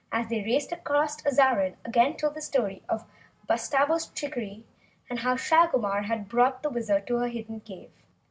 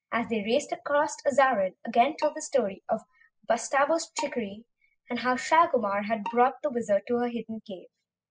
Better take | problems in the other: first | noise reduction (classical method spectral subtraction)

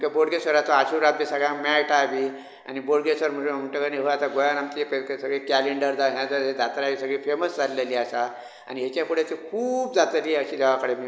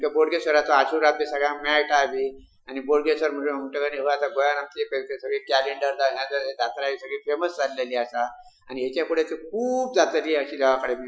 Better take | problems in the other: first | noise reduction (classical method Wiener filter)

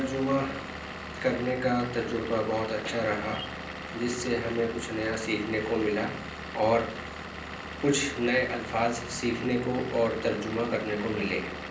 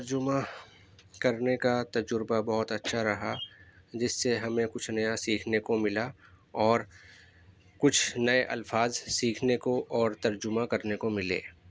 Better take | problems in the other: second | background sound (Engine / Vehicle); 9 dB below the speech // room echo; dies away in 0.6 s

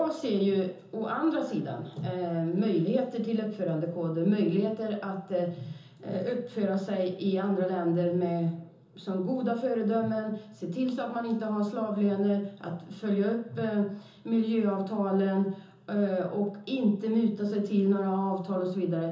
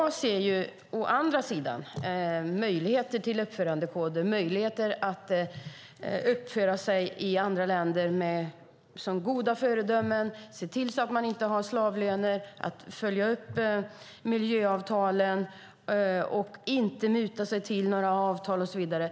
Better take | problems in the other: second | room echo; dies away in 0.6 s

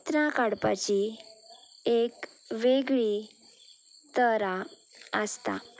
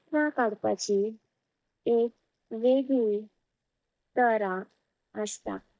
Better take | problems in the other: first | noise reduction (neural mask model DeepFilterNet 3)

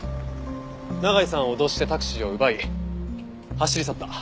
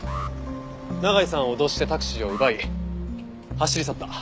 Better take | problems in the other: first | background sound (Alarm); 16 dB below the speech

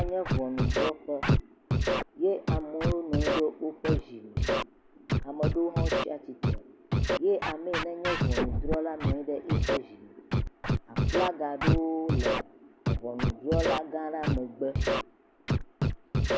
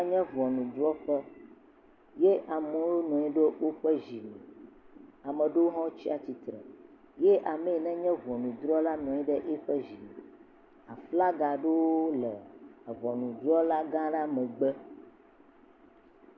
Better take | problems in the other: second | background sound (Scratching (performance technique)); 4 dB above the speech

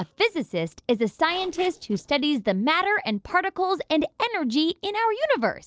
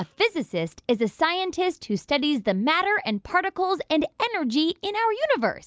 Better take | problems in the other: second | noise reduction (neural separator model SepFormer DNS4)

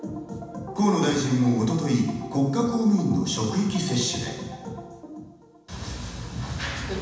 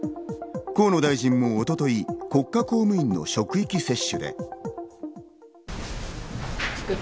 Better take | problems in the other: second | room echo; dies away in 1.1 s

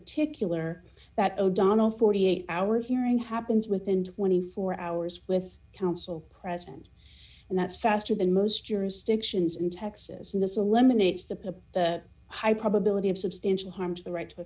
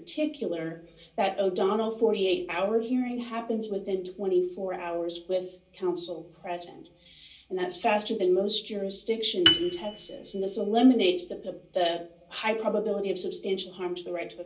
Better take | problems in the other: first | background sound (Piano); 1 dB below the speech // room echo; dies away in 0.3 s

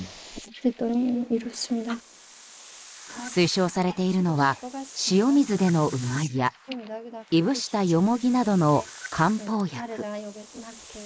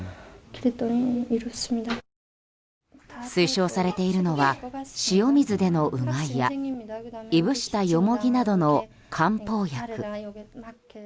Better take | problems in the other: second | noise reduction (neural mask model Resemble Enhance denoiser)

